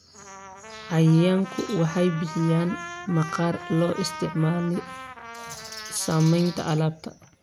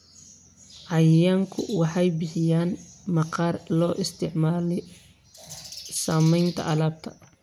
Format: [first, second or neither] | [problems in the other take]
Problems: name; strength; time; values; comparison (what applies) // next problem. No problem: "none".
second | background sound (Trumpet); 14 dB below the speech